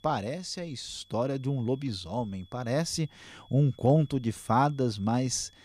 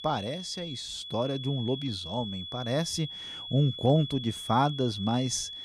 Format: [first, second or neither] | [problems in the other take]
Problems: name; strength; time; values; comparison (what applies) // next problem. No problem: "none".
first | high-pitched whine; loud; throughout; 3.5 kHz, 8 dB below the speech; faint in the first